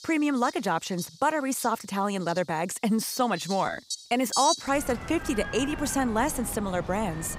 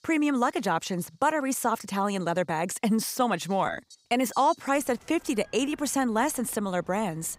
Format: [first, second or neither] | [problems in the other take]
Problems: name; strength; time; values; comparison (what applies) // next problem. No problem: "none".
second | animal sounds; loud; throughout; 9 dB below the speech; faint in the second